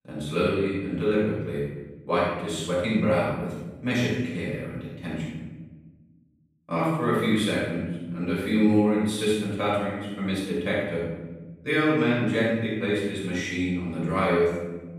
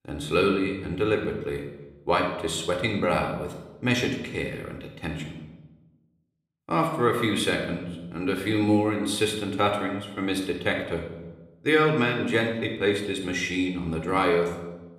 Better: second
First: room echo; strong; dies away in 1.2 s // off-mic speech; far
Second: room echo; slight; dies away in 0.8 s

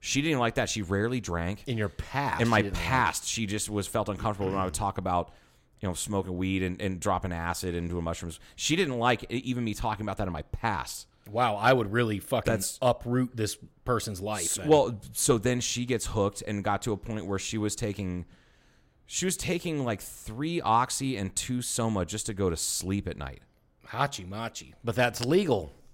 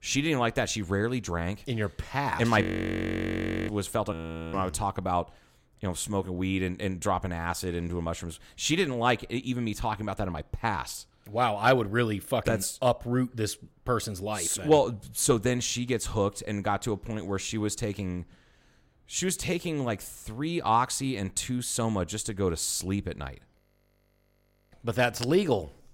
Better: first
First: none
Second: audio freezing; at 2.5 s for 1 s, at 4 s and at 24 s for 1 s

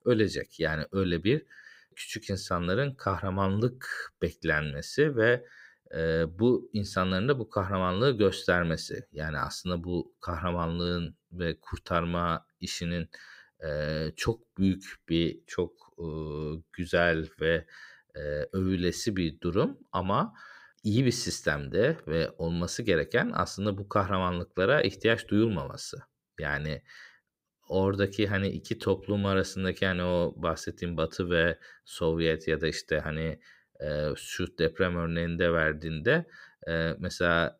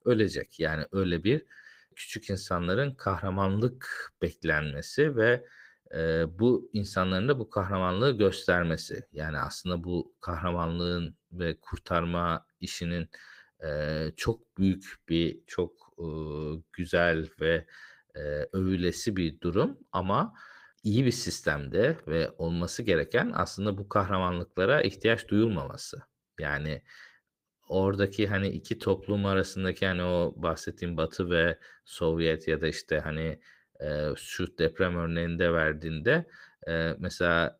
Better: first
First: none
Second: garbled, watery; slightly; nothing above 15.5 kHz

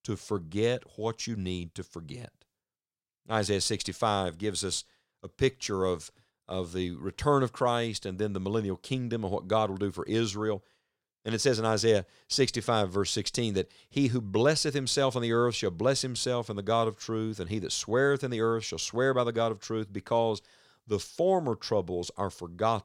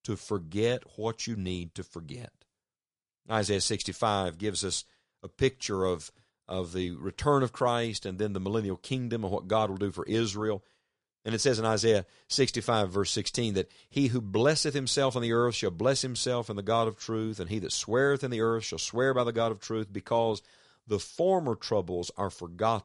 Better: first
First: none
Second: garbled, watery; slightly; nothing above 10 kHz

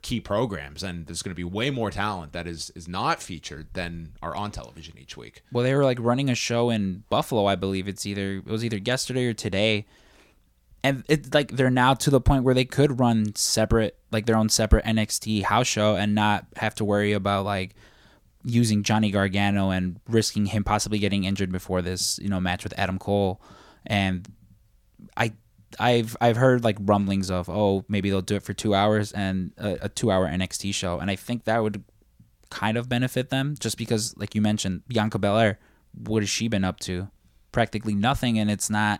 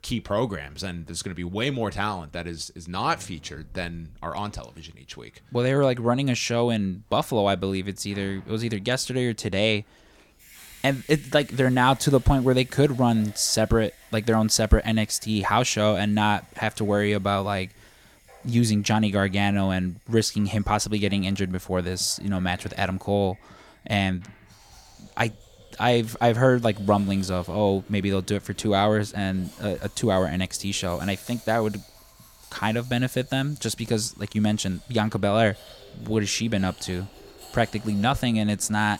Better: first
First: none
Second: household noises; faint; throughout; 25 dB below the speech

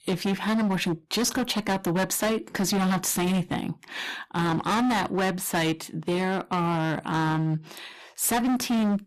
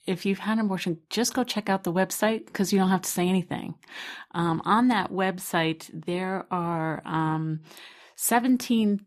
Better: second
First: distortion; heavy; 22% of the sound clipped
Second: none

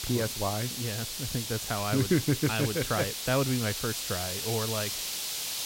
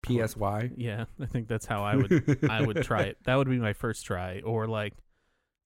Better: second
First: hiss; loud; throughout; 2 dB below the speech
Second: none

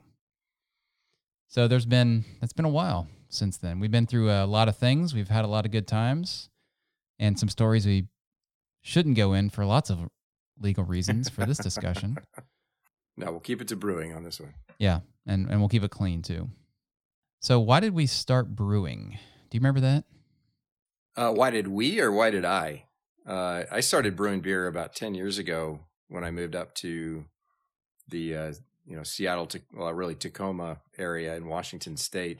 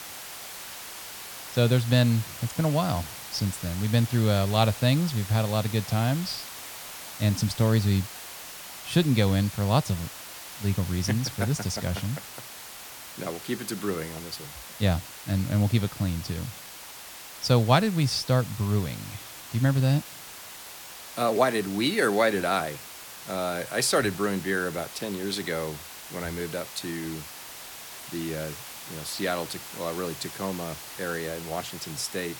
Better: first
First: none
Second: hiss; noticeable; throughout; 10 dB below the speech

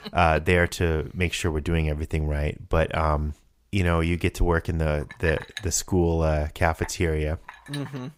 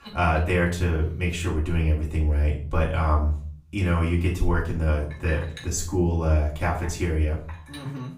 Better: first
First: none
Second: off-mic speech; far // room echo; slight; dies away in 0.4 s

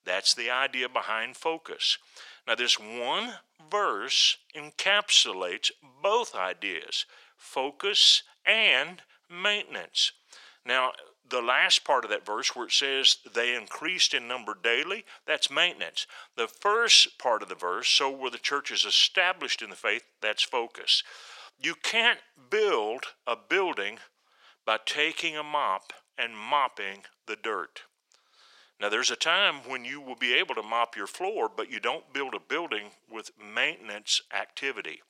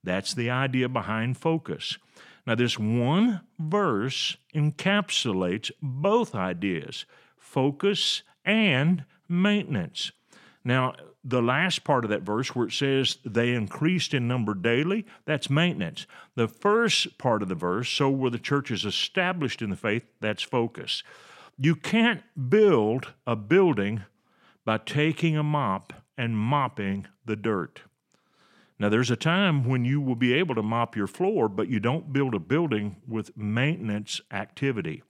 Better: second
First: thin; very; fading below 500 Hz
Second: none

